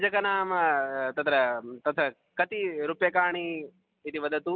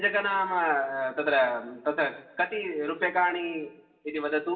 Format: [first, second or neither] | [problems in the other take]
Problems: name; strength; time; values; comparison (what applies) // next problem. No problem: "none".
first | room echo; dies away in 0.6 s